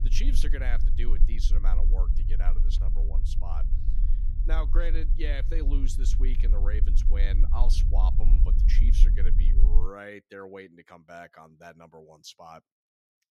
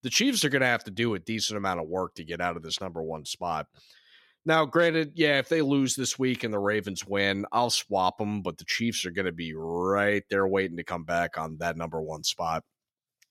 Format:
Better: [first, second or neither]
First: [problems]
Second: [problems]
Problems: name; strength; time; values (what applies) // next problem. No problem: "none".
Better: second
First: low rumble; loud; until 10 s; 8 dB below the speech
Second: none